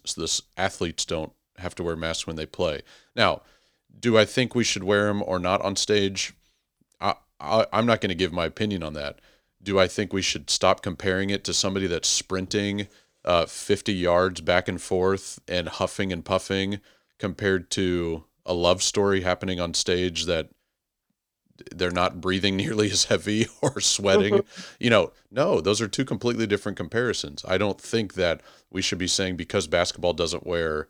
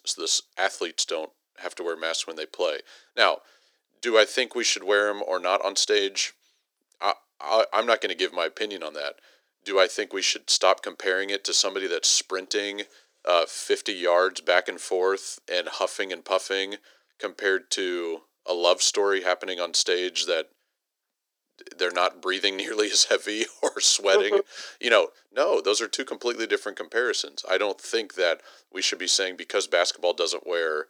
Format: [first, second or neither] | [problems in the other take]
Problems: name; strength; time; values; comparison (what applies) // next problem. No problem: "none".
first | thin; very; fading below 350 Hz